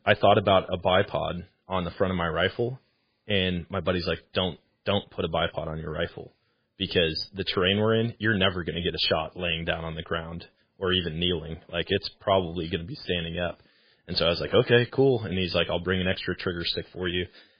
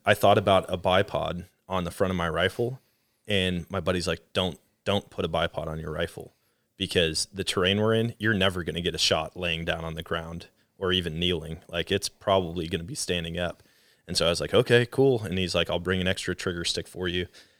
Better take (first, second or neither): second